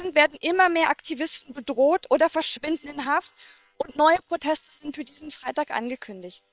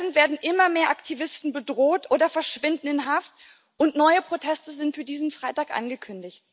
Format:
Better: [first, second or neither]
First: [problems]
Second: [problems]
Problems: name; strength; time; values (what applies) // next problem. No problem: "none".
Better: second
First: noise reduction (neural separator model SepFormer WHAM!)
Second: none